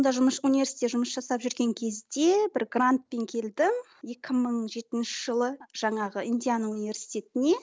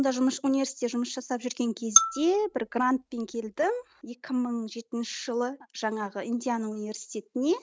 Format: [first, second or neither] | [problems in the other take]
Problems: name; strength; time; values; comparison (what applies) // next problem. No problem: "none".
first | noise reduction (neural mask model RNNoise)